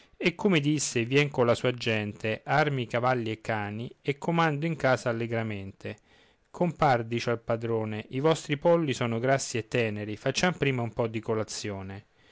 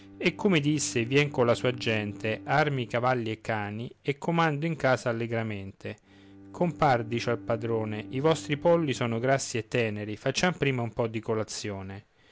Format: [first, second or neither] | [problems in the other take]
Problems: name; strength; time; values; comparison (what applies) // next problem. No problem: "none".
first | background sound (Bowed string instrument); 19 dB below the speech